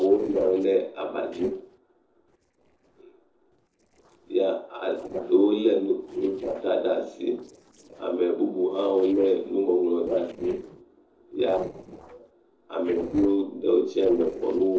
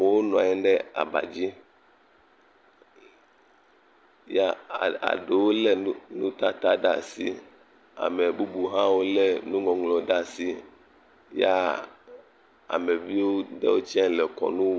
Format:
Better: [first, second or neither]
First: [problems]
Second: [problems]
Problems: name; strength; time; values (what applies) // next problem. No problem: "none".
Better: second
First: noise reduction (neural separator model SepFormer DNS4)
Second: none